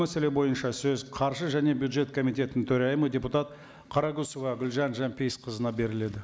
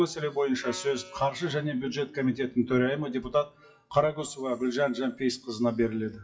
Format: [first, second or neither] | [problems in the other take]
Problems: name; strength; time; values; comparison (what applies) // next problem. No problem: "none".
first | noise reduction (classical method WPE with log-MMSE)